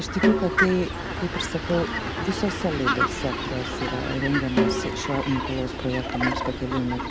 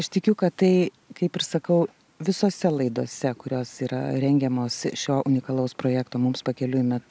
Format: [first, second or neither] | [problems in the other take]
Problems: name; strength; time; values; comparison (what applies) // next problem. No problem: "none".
second | background sound (Snare drum + Fowl); 1 dB above the speech